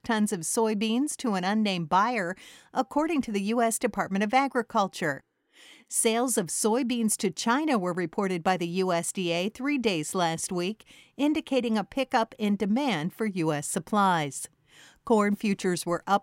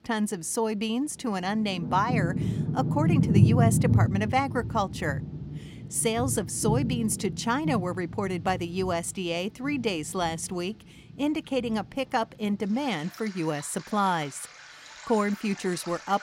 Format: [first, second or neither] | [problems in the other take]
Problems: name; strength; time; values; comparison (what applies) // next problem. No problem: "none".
first | rain or running water; very loud; throughout; as loud as the speech